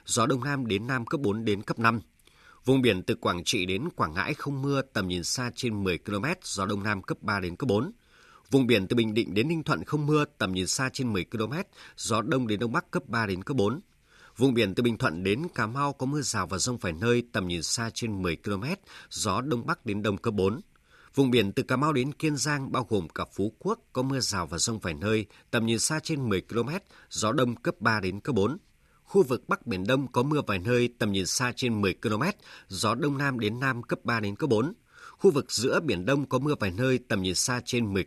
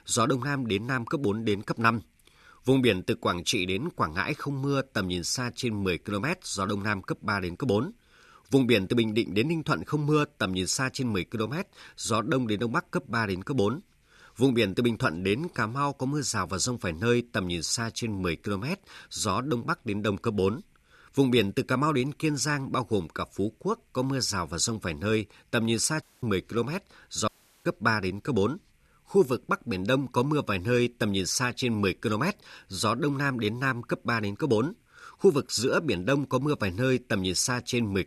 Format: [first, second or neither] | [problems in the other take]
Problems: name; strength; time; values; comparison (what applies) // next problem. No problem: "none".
first | audio cutting out; at 26 s and at 27 s